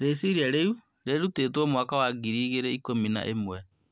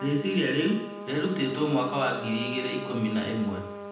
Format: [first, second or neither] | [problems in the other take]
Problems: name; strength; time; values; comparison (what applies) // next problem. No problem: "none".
first | background sound (Trumpet); 10 dB below the speech // room echo; dies away in 0.8 s